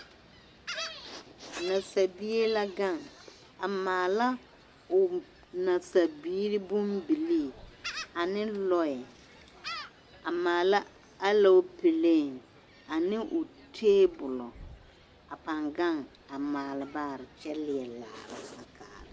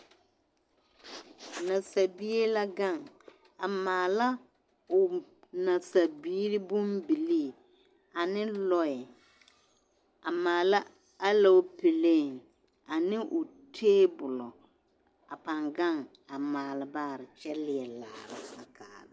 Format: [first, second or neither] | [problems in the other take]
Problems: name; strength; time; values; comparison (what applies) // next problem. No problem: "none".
second | background sound (Gull, seagull); 19 dB below the speech